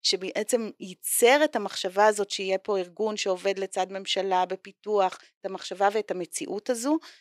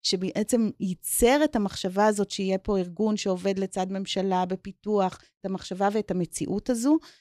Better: second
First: thin; somewhat; fading below 450 Hz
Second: none

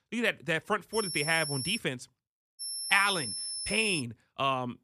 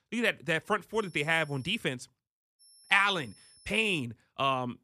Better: second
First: high-pitched whine; loud; at 1 s and from 2.5 to 4 s; 5.5 kHz, 5 dB below the speech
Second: high-pitched whine; faint; at 1 s and from 2.5 to 4 s; 5.5 kHz, 30 dB below the speech

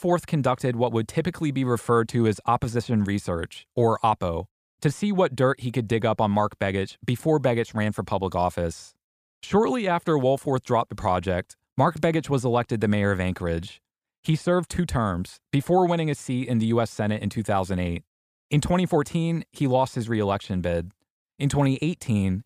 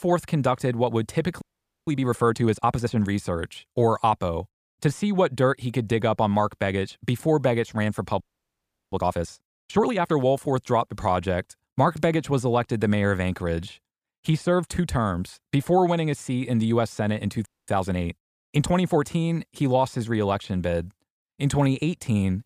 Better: first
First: none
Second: audio freezing; at 1.5 s, at 8 s for 0.5 s and at 17 s

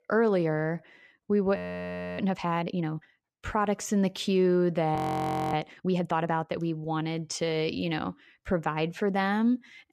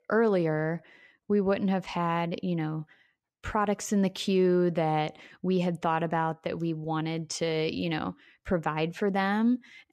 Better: second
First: audio freezing; at 1.5 s for 0.5 s and at 5 s for 0.5 s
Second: none

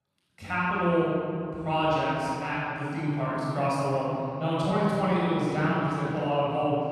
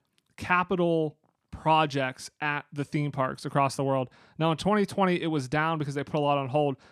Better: second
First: off-mic speech; far // room echo; strong; dies away in 3 s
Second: none

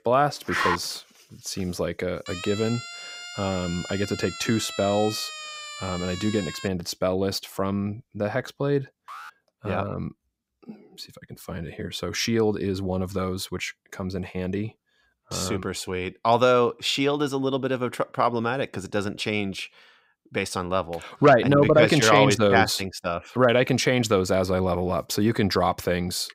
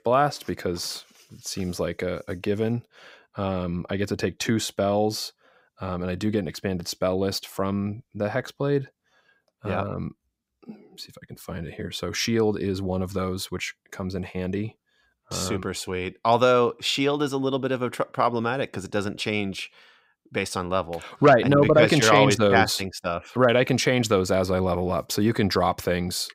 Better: second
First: dog barking; noticeable; at 0.5 s; peak level with the speech // siren; noticeable; from 2.5 to 6.5 s; peak 10 dB below the speech // alarm; faint; at 9 s; peak 15 dB below the speech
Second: none

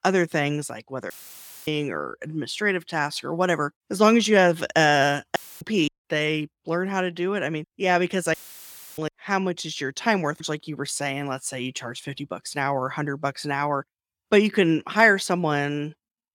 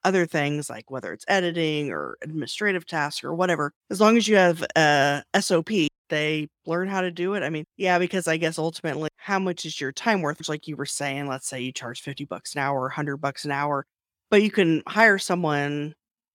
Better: second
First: audio cutting out; filled with static; at 1 s for 0.5 s, at 5.5 s and at 8.5 s for 0.5 s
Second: none

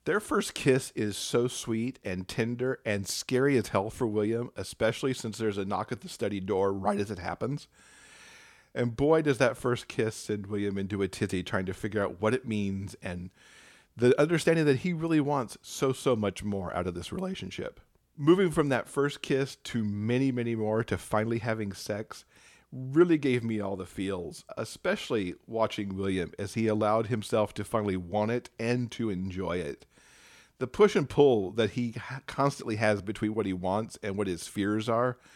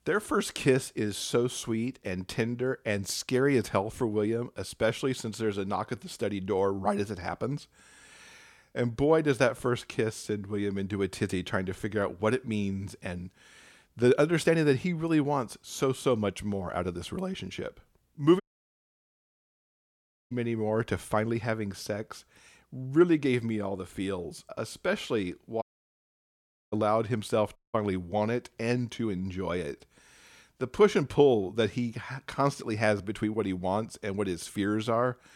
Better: first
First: none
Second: audio cutting out; at 18 s for 2 s, at 26 s for 1 s and at 28 s

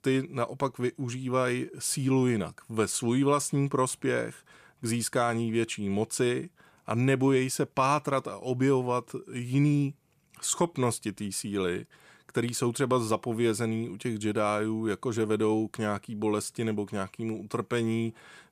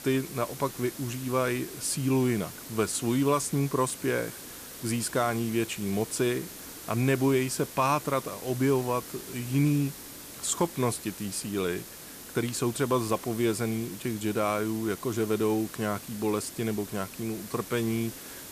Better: first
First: none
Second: hiss; noticeable; throughout; 10 dB below the speech

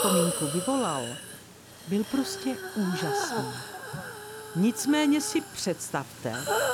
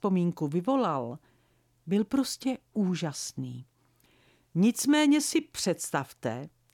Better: second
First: hiss; loud; throughout; 4 dB below the speech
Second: none

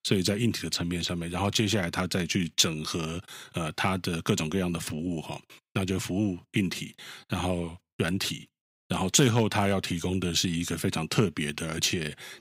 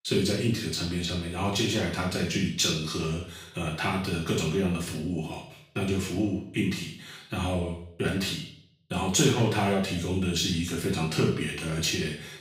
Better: first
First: none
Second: room echo; noticeable; dies away in 0.5 s // off-mic speech; far

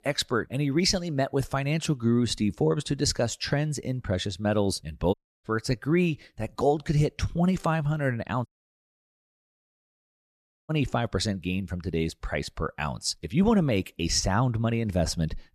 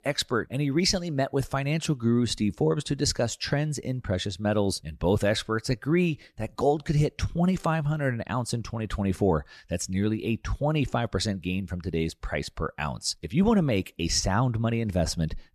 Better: second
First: audio cutting out; at 5 s and at 8.5 s for 2 s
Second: none

